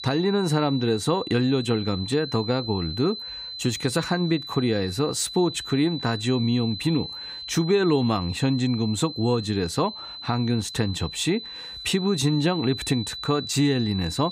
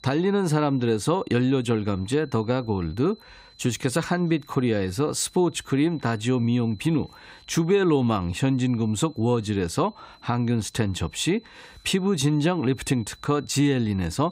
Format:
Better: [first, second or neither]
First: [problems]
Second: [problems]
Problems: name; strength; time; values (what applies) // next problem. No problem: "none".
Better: second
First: high-pitched whine; loud; throughout; 4 kHz, 9 dB below the speech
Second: high-pitched whine; faint; throughout; 4 kHz, 30 dB below the speech